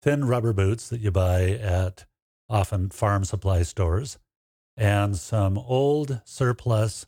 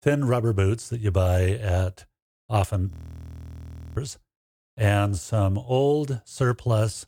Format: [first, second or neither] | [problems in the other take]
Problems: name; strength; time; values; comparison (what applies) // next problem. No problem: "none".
first | audio freezing; at 3 s for 1 s